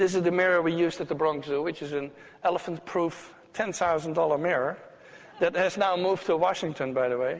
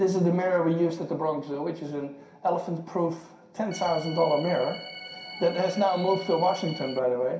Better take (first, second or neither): first